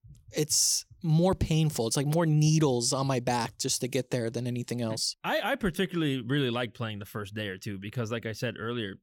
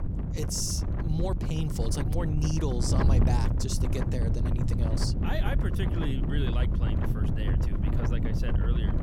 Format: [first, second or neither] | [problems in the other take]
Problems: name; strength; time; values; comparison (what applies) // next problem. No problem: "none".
first | wind noise on the microphone; heavy; 2 dB below the speech